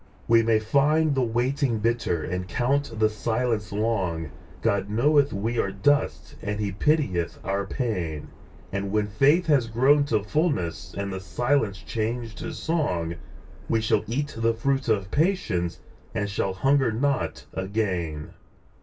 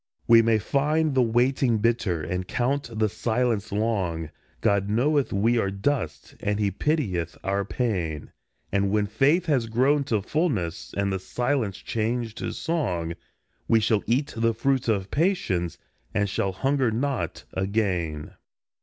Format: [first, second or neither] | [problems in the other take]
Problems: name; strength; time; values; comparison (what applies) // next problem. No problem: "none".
second | background sound (Subway, metro, underground); 17 dB below the speech // room echo; dies away in 0.1 s